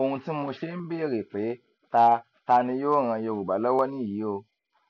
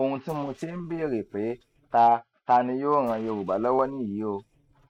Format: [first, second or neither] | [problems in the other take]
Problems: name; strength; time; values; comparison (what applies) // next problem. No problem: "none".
first | noise reduction (neural mask model RNNoise)